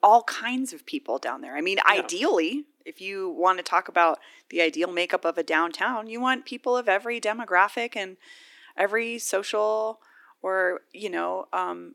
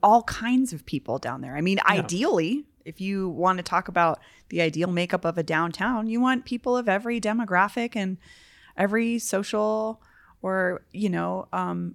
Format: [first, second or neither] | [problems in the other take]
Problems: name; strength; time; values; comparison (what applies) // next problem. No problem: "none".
second | thin; somewhat; fading below 300 Hz